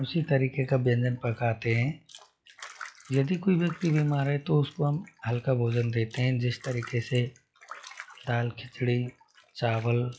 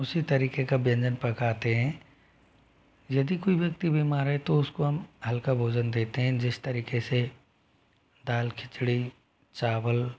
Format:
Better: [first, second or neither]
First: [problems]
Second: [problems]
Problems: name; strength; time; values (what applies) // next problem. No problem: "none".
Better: second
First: noise reduction (classical method log-MMSE)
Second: none